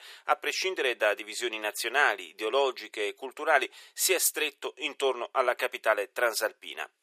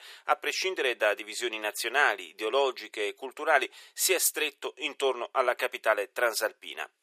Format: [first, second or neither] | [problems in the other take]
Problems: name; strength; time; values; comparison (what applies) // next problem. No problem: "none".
neither | thin; very; fading below 400 Hz; the same in both